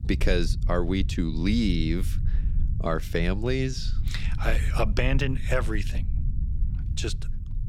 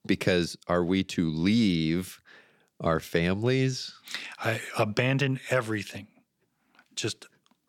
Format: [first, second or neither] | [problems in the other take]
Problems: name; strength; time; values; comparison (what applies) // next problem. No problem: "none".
second | low rumble; noticeable; throughout; 15 dB below the speech